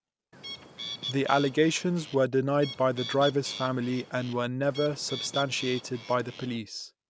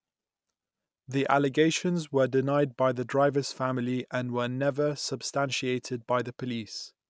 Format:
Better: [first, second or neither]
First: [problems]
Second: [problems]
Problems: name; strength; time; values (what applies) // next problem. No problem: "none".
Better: second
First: background sound (Bird); 12 dB below the speech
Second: none